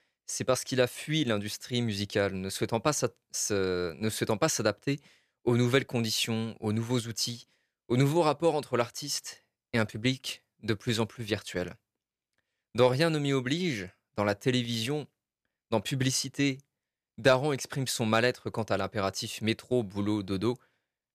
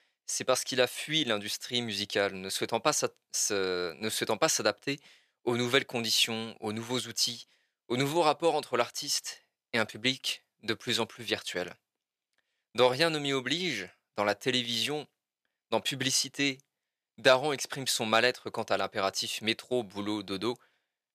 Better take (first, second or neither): first